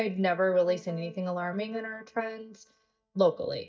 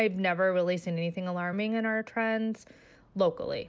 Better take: second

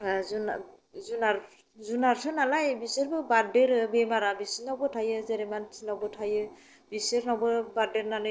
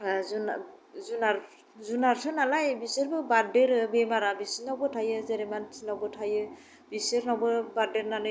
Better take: second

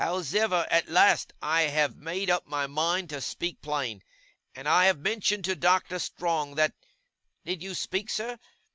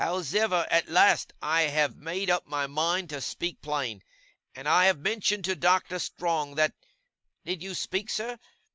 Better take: first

